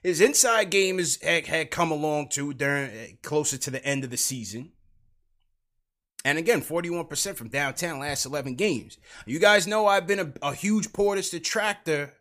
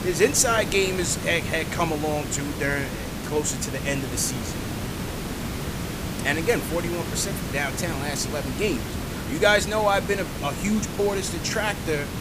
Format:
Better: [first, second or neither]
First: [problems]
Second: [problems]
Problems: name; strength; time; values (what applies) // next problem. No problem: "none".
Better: first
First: none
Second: hiss; loud; throughout; 6 dB below the speech